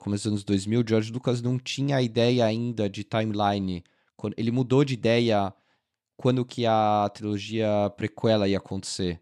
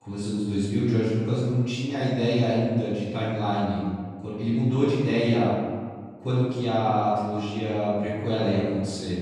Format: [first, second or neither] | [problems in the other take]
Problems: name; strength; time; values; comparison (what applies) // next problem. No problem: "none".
first | off-mic speech; far // room echo; strong; dies away in 1.6 s